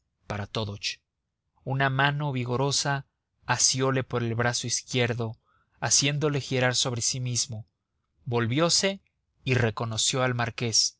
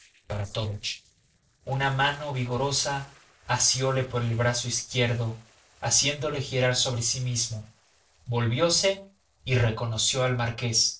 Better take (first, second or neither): first